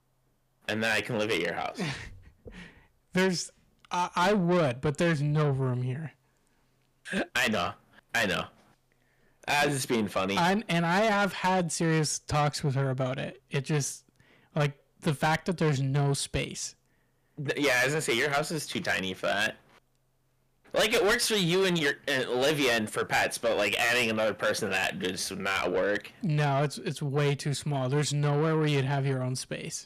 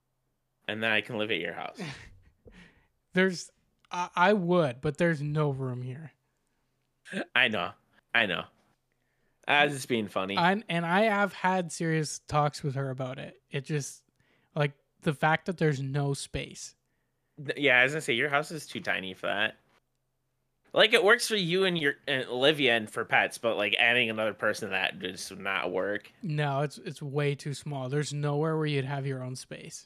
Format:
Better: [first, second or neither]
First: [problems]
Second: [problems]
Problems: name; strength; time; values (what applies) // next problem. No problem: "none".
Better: second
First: distortion; heavy; 6 dB below the speech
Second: none